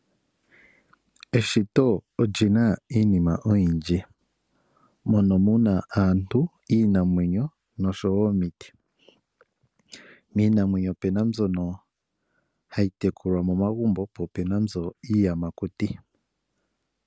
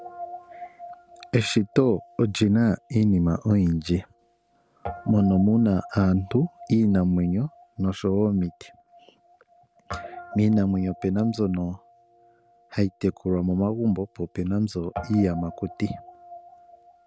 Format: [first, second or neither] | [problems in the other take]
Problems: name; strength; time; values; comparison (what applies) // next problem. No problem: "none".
first | background sound (Guitar); 19 dB below the speech